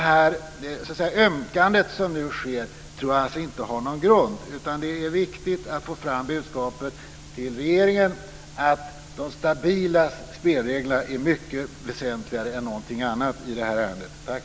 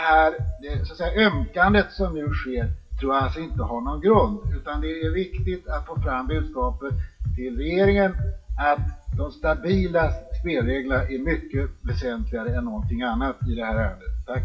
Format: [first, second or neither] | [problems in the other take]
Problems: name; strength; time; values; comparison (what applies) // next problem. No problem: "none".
first | noise reduction (classical method WPE with log-MMSE)